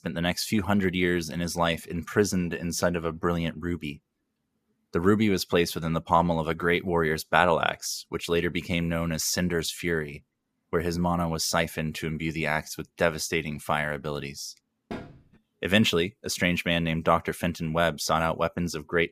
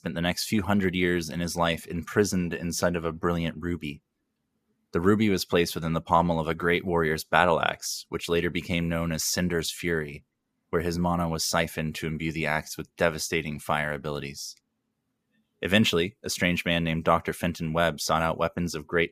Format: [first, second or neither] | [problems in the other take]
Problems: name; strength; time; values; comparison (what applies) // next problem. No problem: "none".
second | door banging; faint; at 15 s; peak 15 dB below the speech